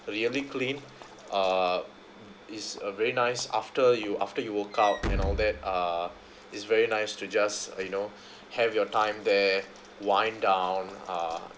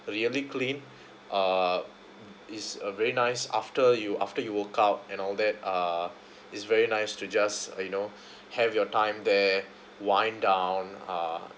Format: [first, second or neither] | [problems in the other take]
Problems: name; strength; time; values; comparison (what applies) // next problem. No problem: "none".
second | background sound (Walk, footsteps / Slam); 13 dB below the speech